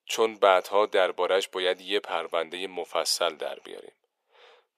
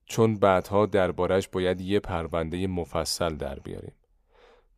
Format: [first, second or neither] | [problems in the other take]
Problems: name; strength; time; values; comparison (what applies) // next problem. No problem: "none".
second | thin; very; fading below 450 Hz